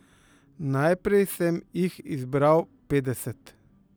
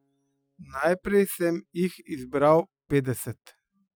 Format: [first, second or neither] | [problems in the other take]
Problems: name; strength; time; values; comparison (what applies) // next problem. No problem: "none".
first | noise reduction (classical method Wiener filter)